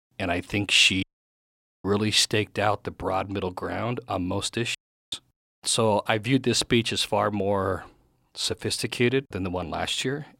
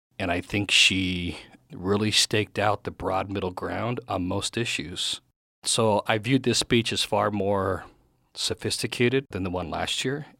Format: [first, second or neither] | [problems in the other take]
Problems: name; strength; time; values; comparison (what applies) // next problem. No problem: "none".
second | audio cutting out; at 1 s for 1 s and at 5 s